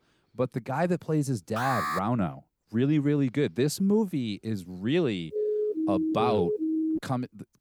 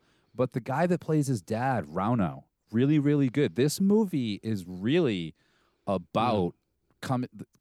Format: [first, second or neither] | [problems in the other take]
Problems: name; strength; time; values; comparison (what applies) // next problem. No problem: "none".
second | alarm; noticeable; at 1.5 s; peak 1 dB below the speech // siren; loud; from 5.5 to 7 s; peak level with the speech